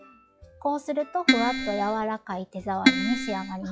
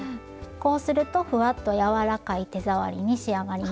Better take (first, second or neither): second